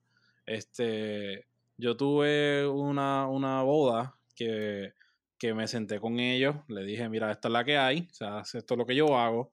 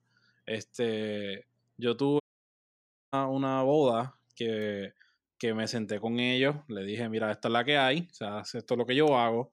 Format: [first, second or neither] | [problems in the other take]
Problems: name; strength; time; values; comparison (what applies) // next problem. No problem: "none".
first | audio cutting out; at 2 s for 1 s